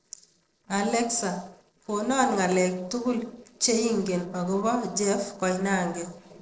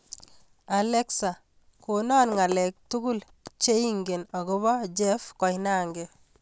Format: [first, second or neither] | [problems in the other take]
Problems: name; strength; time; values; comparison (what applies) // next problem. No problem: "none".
second | noise reduction (neural separator model SepFormer DNS4)